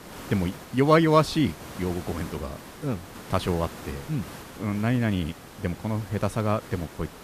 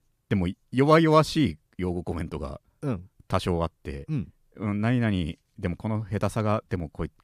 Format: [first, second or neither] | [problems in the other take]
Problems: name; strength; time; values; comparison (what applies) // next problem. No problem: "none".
second | hiss; noticeable; throughout; 15 dB below the speech